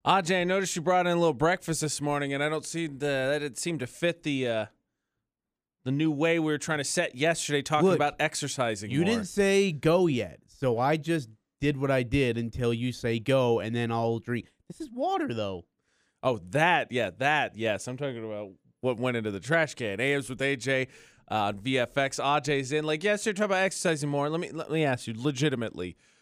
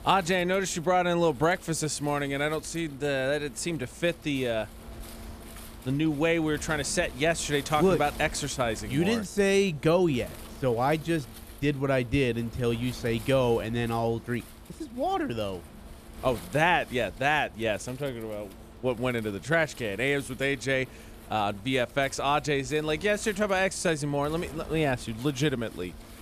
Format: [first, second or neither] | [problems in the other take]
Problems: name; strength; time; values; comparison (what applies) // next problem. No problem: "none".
first | wind noise on the microphone; occasional gusts; 20 dB below the speech